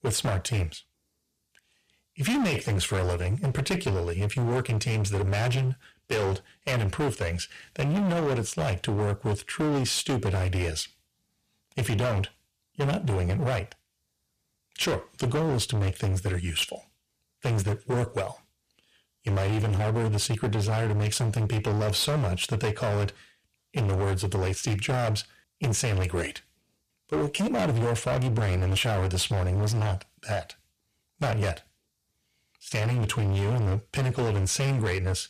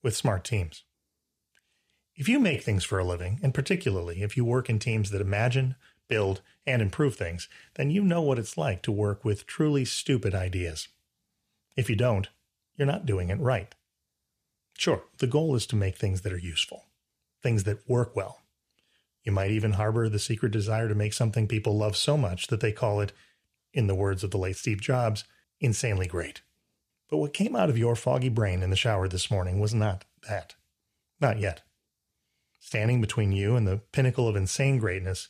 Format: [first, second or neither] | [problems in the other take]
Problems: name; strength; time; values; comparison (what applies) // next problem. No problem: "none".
second | distortion; heavy; 24% of the sound clipped